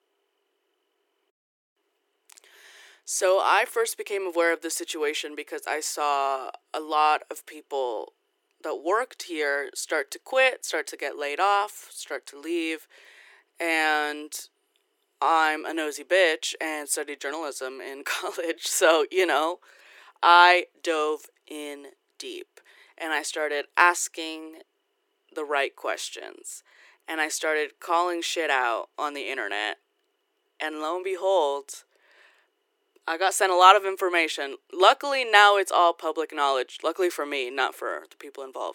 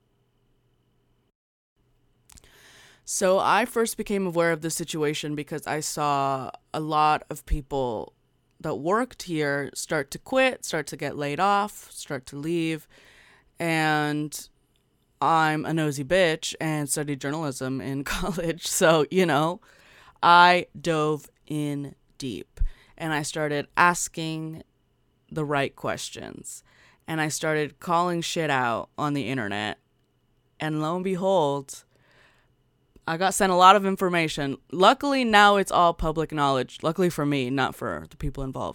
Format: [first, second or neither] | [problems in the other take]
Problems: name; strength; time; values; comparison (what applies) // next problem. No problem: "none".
second | thin; very; fading below 350 Hz